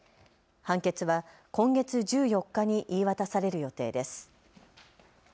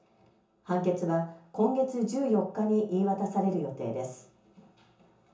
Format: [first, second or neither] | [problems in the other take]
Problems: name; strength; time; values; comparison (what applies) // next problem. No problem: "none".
first | room echo; dies away in 0.6 s